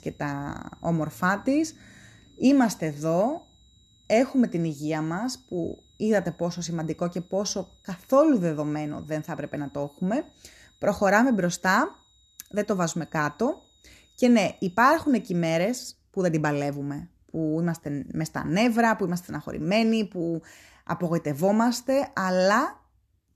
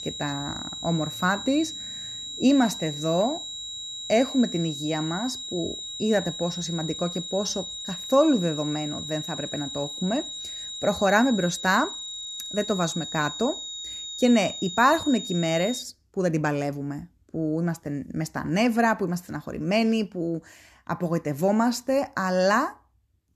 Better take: first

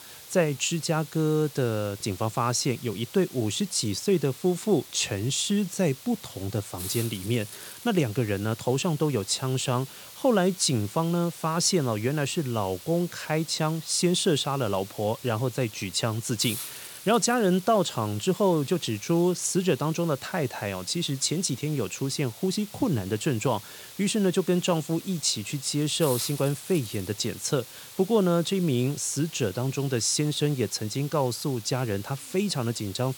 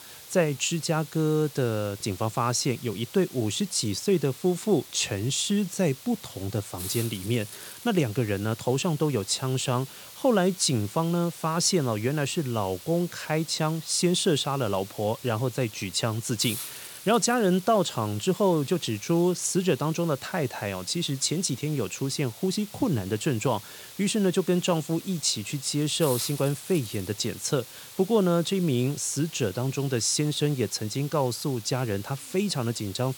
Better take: neither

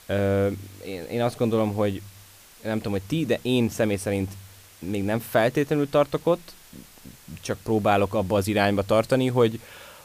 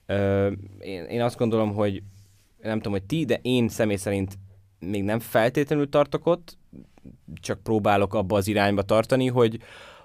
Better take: second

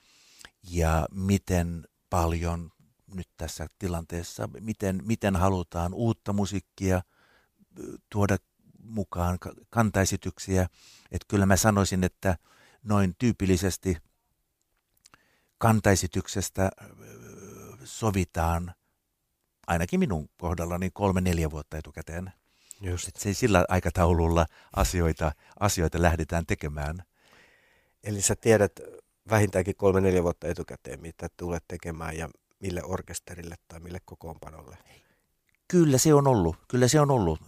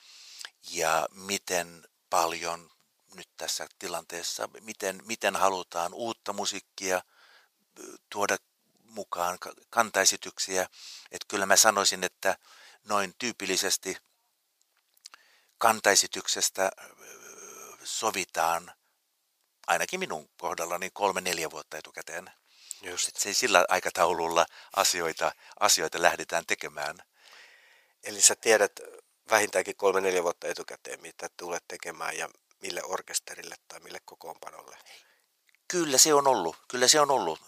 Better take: first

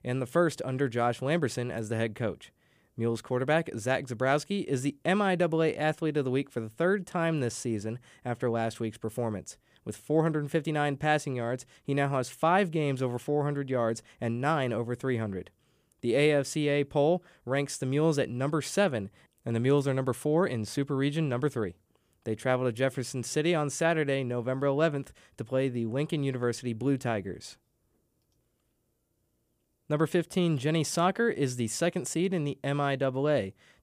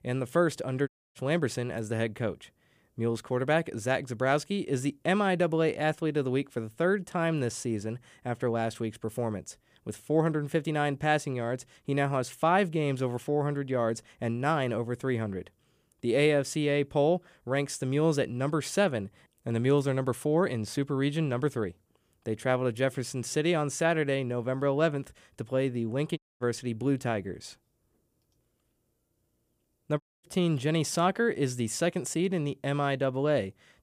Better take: first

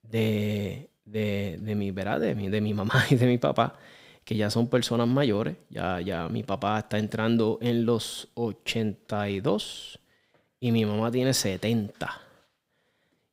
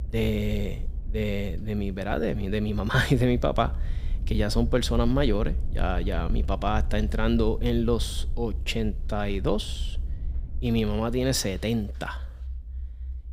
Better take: first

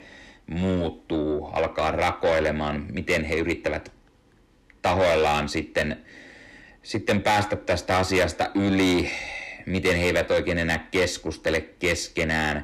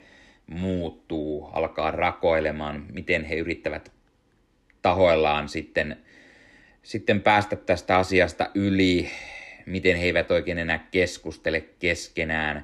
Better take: second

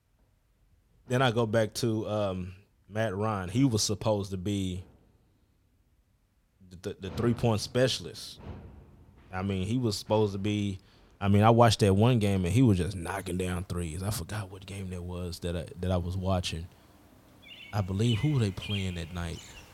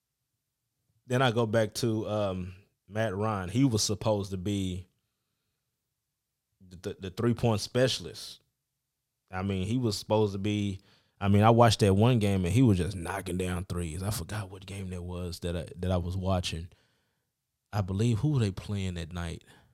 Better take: second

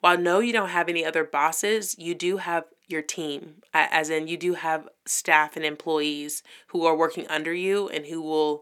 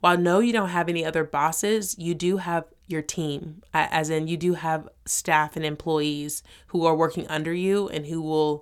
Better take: second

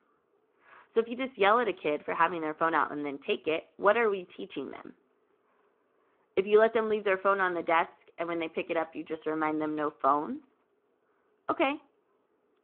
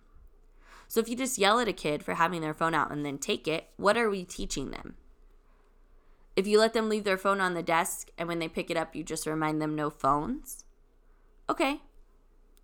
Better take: second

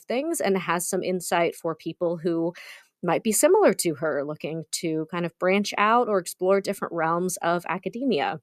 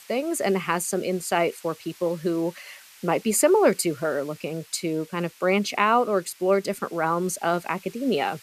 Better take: first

